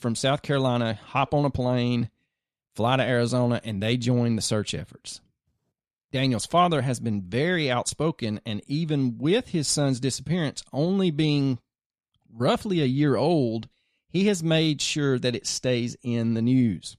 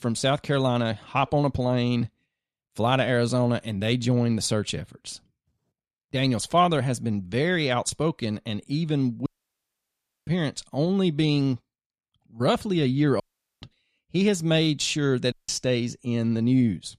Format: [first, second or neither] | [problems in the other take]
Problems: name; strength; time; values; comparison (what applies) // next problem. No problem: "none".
first | audio cutting out; at 9.5 s for 1 s, at 13 s and at 15 s